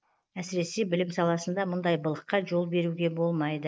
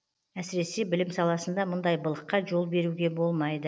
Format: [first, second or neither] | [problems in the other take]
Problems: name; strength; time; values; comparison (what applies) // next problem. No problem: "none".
second | noise reduction (neural mask model Resemble Enhance denoiser)